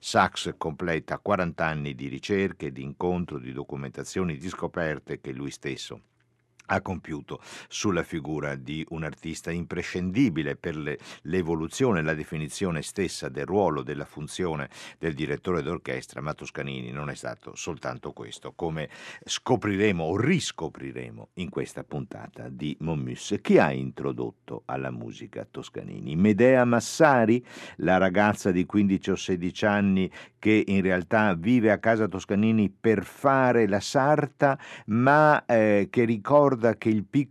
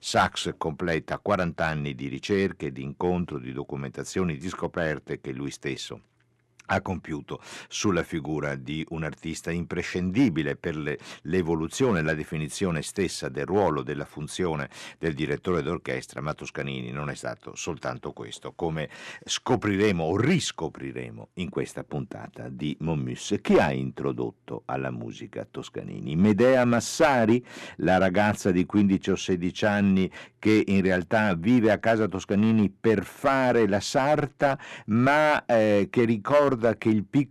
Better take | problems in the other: first | distortion; slight; 1.9% of the sound clipped

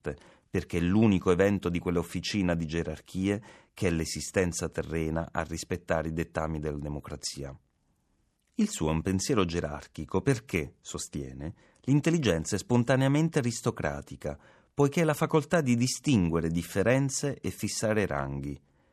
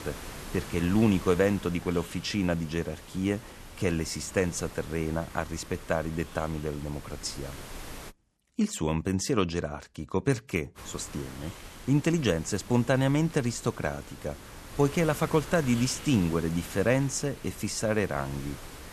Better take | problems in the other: first | hiss; noticeable; until 8 s and from 11 s on; 15 dB below the speech

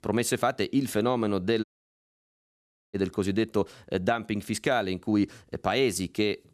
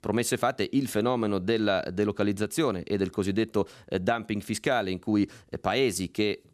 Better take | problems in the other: second | audio cutting out; at 1.5 s for 1.5 s

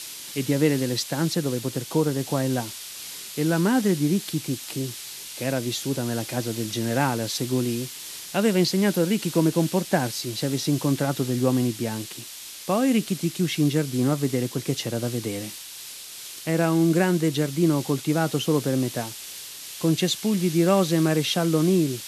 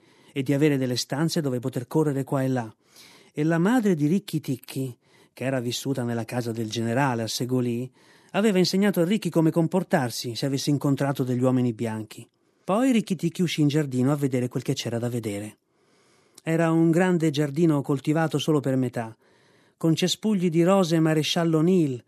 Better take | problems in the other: second | hiss; noticeable; throughout; 10 dB below the speech

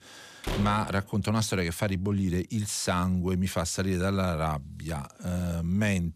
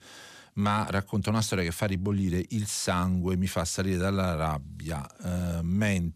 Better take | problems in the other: second | door banging; noticeable; at 0.5 s; peak 5 dB below the speech

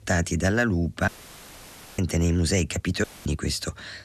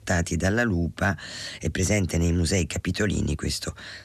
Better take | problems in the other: second | audio cutting out; filled with static; at 1 s for 1 s and at 3 s

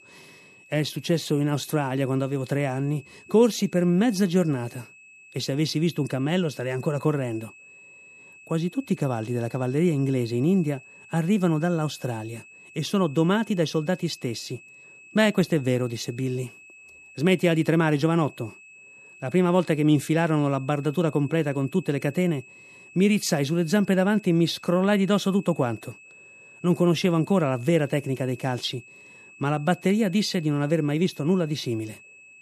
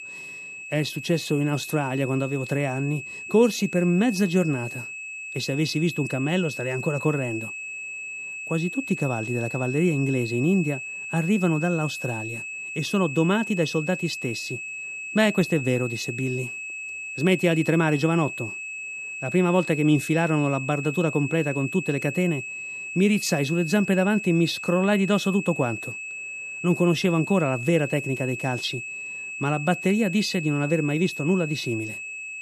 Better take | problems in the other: first | high-pitched whine; loud; throughout; 2.5 kHz, 8 dB below the speech; faint in the first

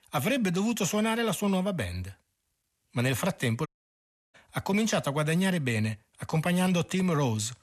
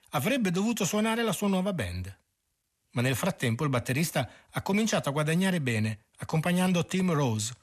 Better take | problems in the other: second | audio cutting out; at 3.5 s for 0.5 s

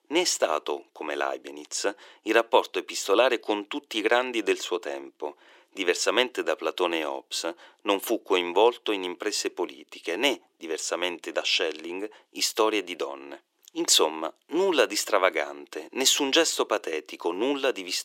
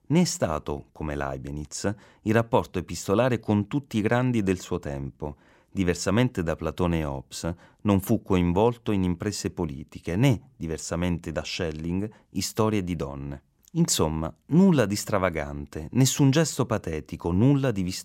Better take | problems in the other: second | thin; very; fading below 350 Hz

